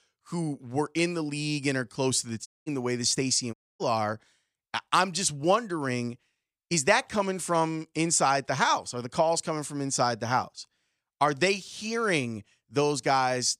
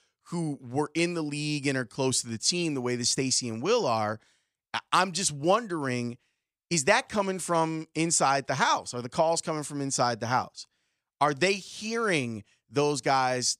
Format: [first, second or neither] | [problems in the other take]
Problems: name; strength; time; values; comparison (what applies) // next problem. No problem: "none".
second | audio cutting out; at 2.5 s and at 3.5 s